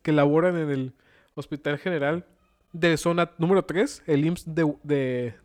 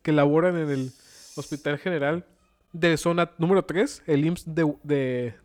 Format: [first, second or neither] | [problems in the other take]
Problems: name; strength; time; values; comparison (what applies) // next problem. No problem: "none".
first | hiss; very faint; at 0.5 s, at 2.5 s and at 4 s; 25 dB below the speech